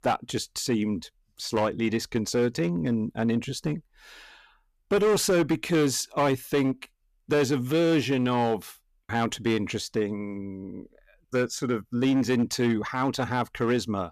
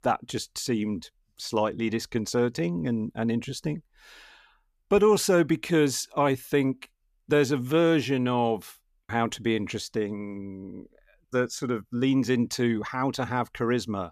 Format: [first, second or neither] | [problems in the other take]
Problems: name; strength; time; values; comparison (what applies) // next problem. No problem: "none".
second | distortion; slight; 7% of the sound clipped